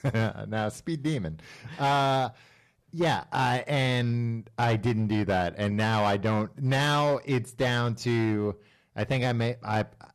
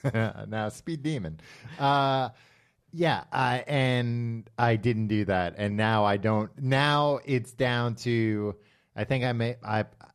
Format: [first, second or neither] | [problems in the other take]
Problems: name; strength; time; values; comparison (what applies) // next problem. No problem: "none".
second | distortion; slight; 10% of the sound clipped